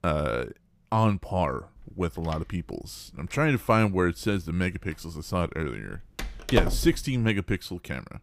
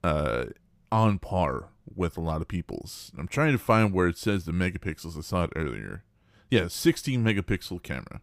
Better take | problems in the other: second | door banging; noticeable; from 2.5 to 7 s; peak 1 dB below the speech

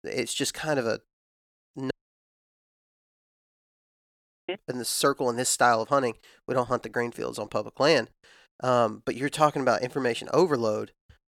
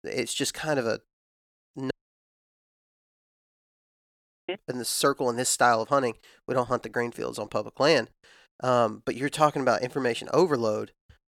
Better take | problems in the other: neither | audio cutting out; at 2 s for 2.5 s; the same in both

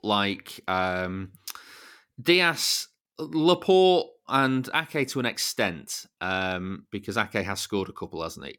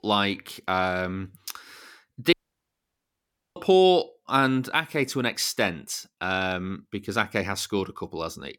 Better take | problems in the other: first | audio cutting out; at 2.5 s for 1 s

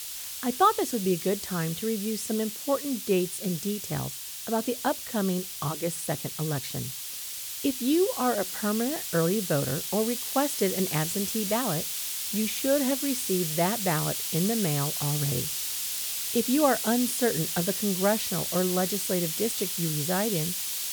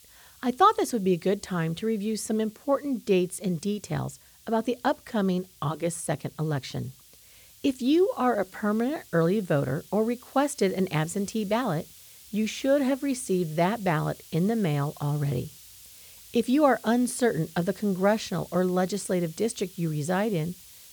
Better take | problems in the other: second | hiss; loud; throughout; 2 dB below the speech; faint in the second

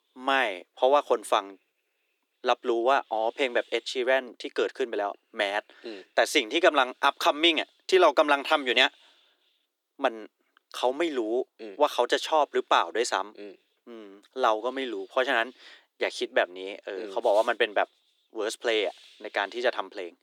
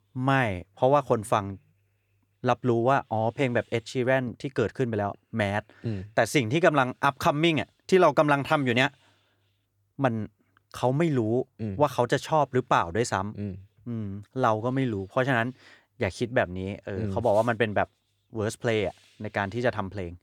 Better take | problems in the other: second | thin; somewhat; fading below 300 Hz

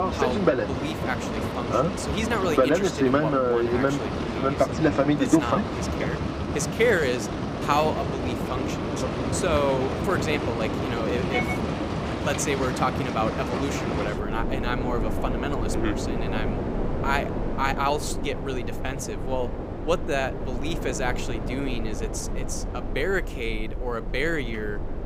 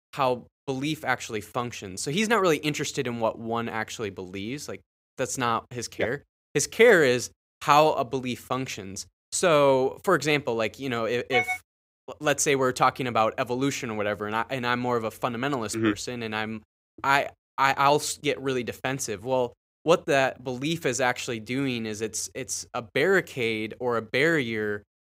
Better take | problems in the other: second | train or aircraft noise; very loud; throughout; 2 dB above the speech

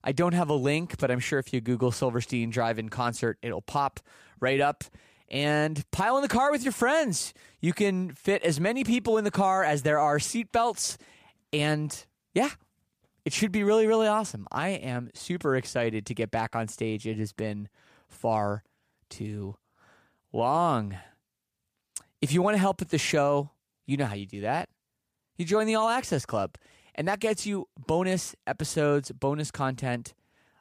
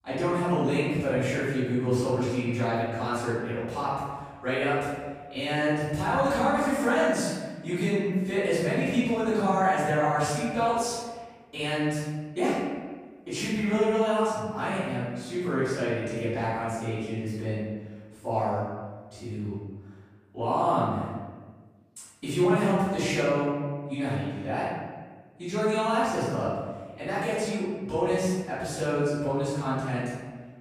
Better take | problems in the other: first | room echo; strong; dies away in 1.3 s // off-mic speech; far

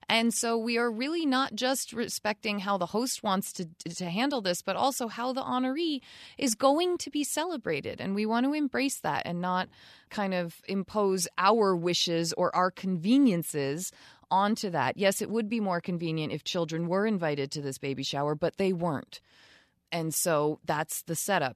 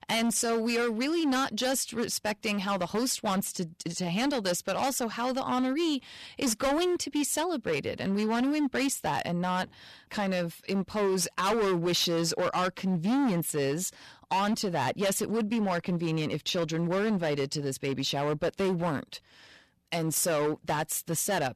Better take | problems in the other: first | distortion; heavy; 16% of the sound clipped

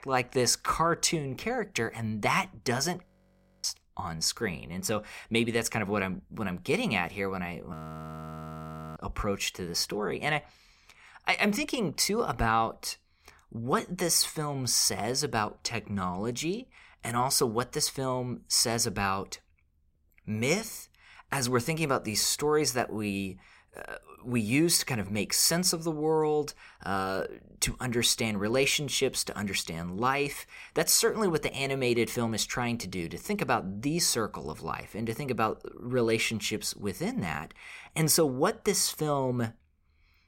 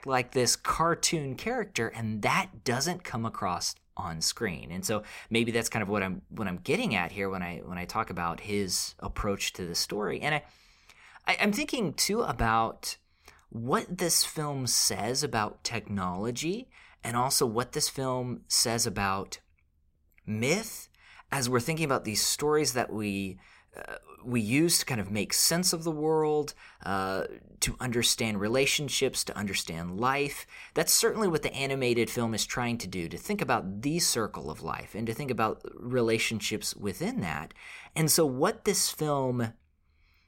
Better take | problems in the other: second | audio freezing; at 3 s for 0.5 s and at 7.5 s for 1 s

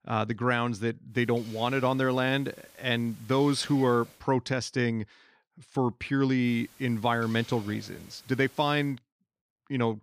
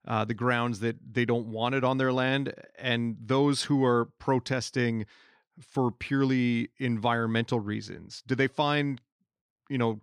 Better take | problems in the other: second | hiss; faint; from 1 to 4 s and from 6.5 to 9 s; 20 dB below the speech

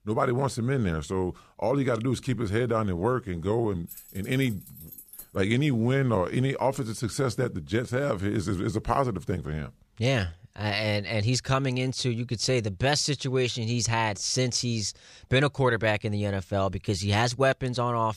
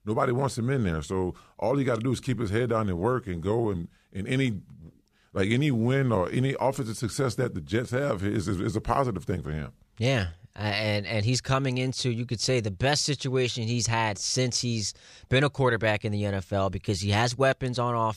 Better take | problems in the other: second | jangling keys; faint; from 4 to 5.5 s; peak 15 dB below the speech

